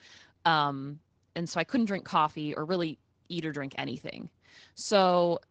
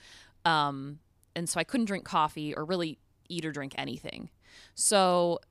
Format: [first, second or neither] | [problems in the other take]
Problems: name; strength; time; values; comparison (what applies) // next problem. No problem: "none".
second | garbled, watery; slightly; nothing above 8 kHz